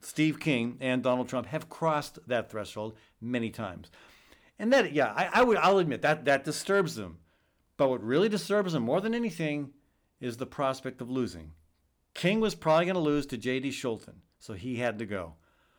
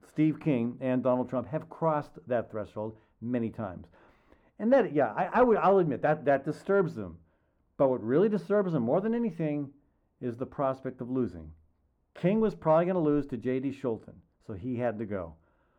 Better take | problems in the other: first | muffled; very; fading above 2 kHz

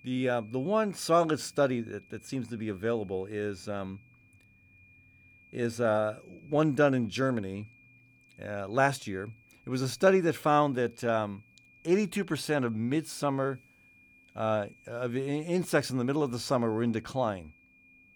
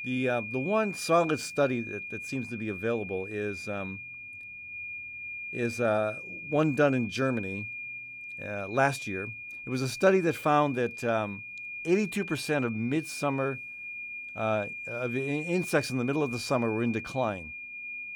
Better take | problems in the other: first | high-pitched whine; loud; throughout; 2.5 kHz, 8 dB below the speech; faint in the first

